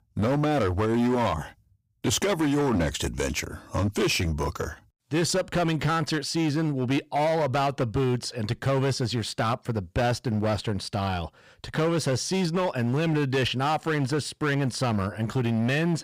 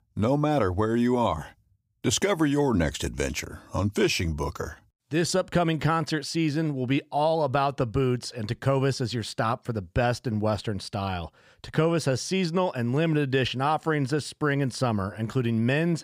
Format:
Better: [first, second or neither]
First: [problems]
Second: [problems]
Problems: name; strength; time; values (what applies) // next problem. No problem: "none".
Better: second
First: distortion; slight; 15% of the sound clipped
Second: none